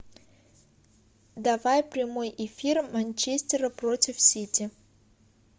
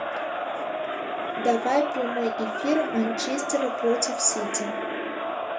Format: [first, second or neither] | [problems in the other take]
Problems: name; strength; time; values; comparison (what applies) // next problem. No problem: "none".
first | background sound (Crowd); 2 dB below the speech // room echo; dies away in 0.3 s